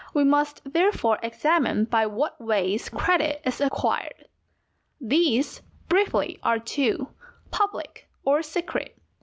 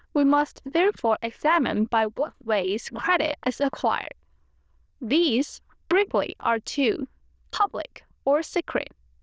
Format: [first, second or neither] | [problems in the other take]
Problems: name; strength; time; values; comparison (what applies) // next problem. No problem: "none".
first | noise reduction (neural diffusion model UNIVERSE++)